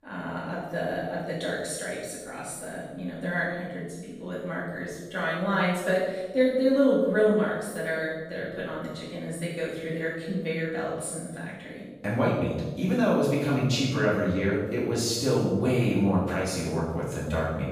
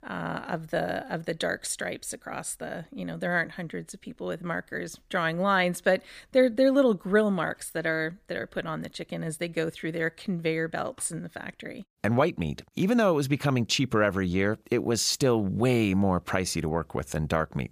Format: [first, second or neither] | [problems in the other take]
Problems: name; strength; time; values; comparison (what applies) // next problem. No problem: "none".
second | room echo; strong; dies away in 1 s // off-mic speech; far